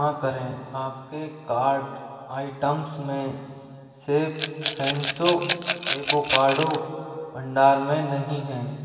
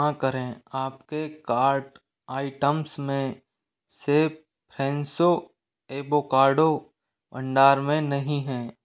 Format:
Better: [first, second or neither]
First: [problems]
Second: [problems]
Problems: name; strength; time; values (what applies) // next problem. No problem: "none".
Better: second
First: background sound (Rattle / Glass); 3 dB below the speech // room echo; dies away in 2.5 s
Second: none